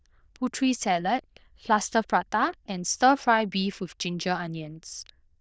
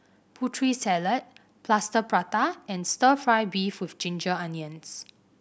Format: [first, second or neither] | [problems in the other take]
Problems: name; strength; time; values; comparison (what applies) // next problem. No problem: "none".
second | noise reduction (neural diffusion model UNIVERSE++)